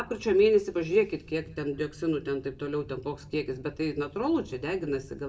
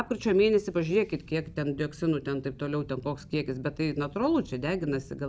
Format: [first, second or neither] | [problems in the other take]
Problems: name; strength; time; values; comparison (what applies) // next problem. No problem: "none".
second | room echo; dies away in 0.5 s